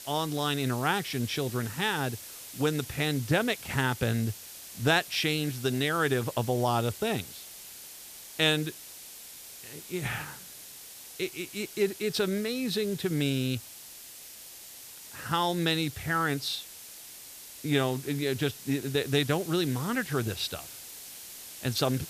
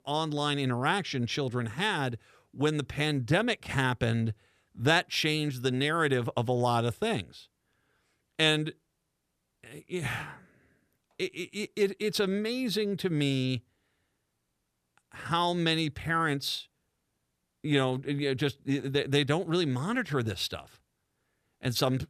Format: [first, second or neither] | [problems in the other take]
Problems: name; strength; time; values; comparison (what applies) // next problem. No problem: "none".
second | hiss; noticeable; throughout; 15 dB below the speech